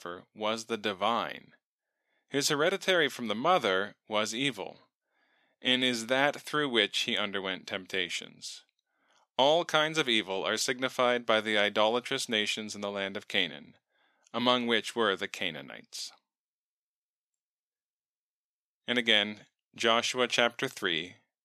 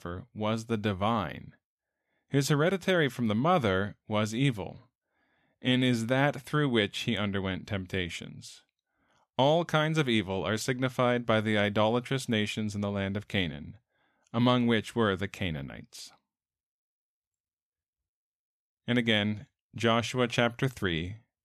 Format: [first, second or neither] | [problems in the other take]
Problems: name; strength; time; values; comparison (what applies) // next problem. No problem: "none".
second | thin; somewhat; fading below 350 Hz